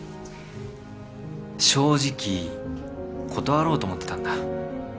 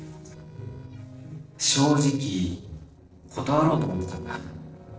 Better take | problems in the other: first | noise reduction (neural separator model SepFormer DNS4)

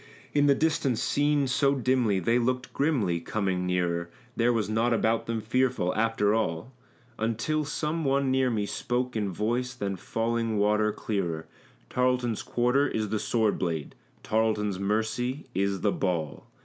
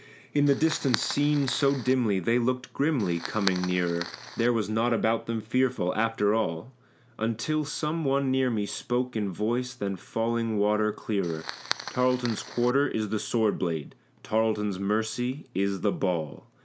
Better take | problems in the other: first | background sound (Fire); 11 dB below the speech

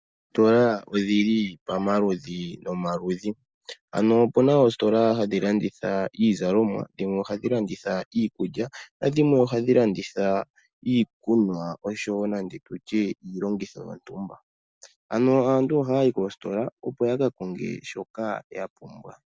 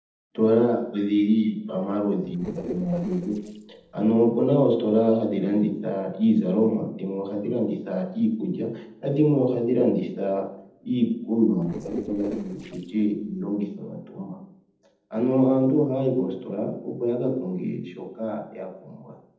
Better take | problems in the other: first | noise reduction (neural separator model SepFormer DNS4)

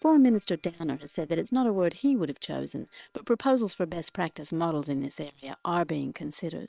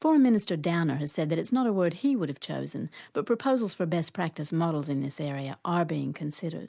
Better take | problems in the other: second | noise reduction (neural separator model SepFormer WHAM!)

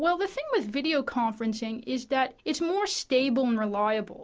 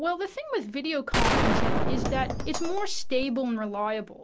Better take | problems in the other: first | background sound (Gunshot, gunfire); 4 dB above the speech

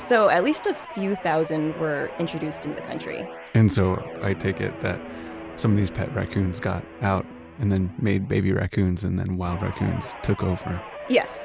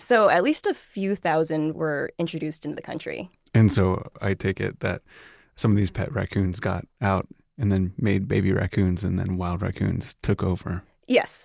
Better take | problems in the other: second | background sound (Guitar); 14 dB below the speech

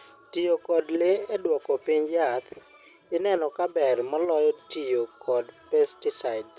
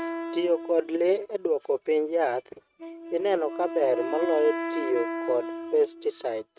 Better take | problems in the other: first | noise reduction (neural mask model RNNoise)

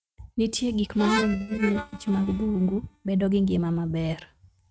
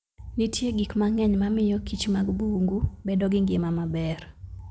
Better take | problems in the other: second | noise reduction (neural mask model RNNoise)

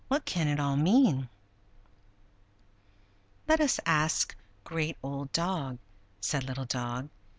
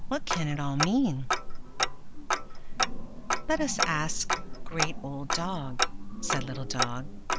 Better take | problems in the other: first | background sound (Tick-tock); 2 dB above the speech

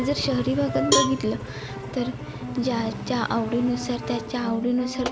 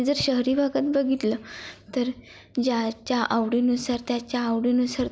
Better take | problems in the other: second | background sound (Cowbell + Engine); 4 dB below the speech

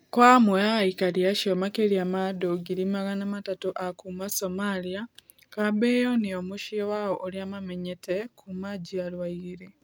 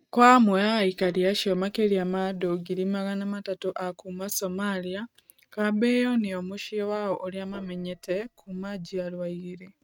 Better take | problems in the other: first | noise reduction (neural mask model RNNoise)

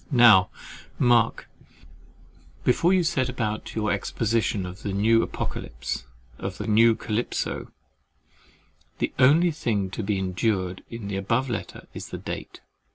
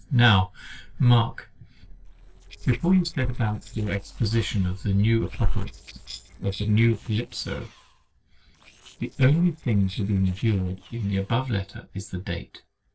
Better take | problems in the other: first | noise reduction (neural separator model SepFormer DNS4)

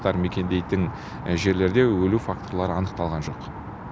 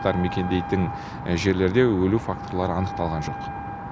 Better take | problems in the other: first | background sound (Wind instrument, woodwind instrument); 12 dB below the speech

